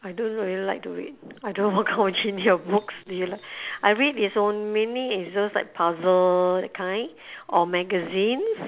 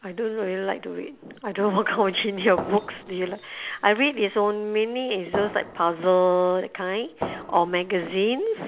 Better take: first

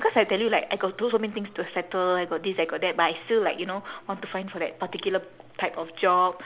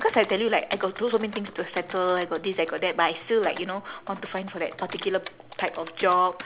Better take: first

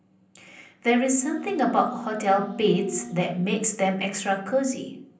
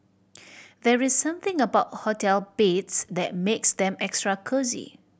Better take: second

